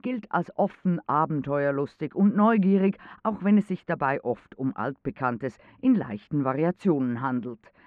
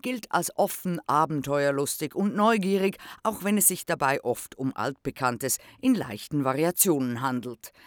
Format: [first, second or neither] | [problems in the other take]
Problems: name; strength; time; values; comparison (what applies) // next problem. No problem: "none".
second | muffled; very; fading above 2 kHz